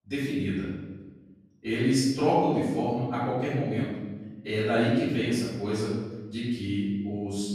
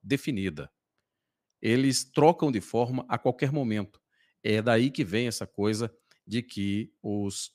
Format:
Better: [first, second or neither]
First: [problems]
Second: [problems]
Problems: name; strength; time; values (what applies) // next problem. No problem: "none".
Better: second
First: off-mic speech; far // room echo; strong; dies away in 1.1 s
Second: none